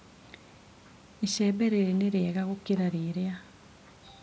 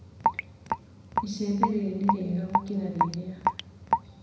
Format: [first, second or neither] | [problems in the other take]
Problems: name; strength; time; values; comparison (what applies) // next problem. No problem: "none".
first | background sound (Raindrop / Drip); 2 dB above the speech // room echo; dies away in 1 s